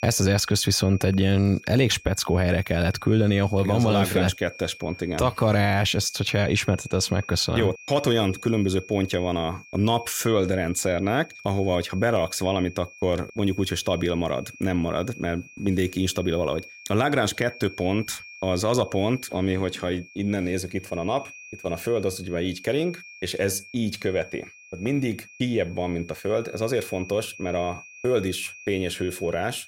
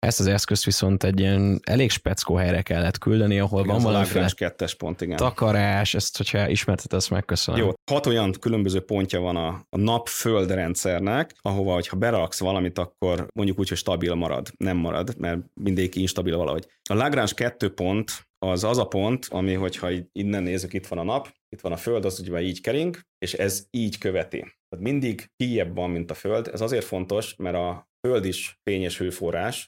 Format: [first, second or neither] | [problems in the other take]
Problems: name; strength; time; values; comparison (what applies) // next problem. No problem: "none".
second | high-pitched whine; noticeable; throughout; 2.5 kHz, 20 dB below the speech